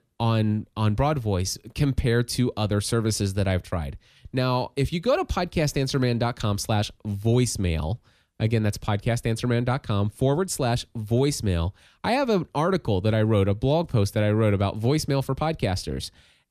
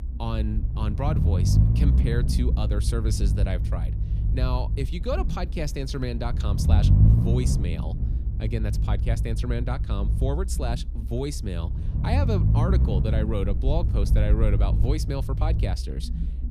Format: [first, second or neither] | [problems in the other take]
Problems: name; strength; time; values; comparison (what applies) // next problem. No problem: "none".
first | low rumble; loud; throughout; 5 dB below the speech